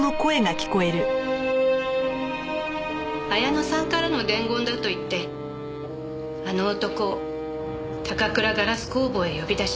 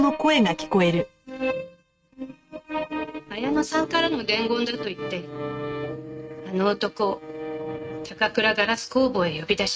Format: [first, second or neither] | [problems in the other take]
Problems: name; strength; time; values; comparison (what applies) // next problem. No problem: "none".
first | noise reduction (neural mask model RNNoise)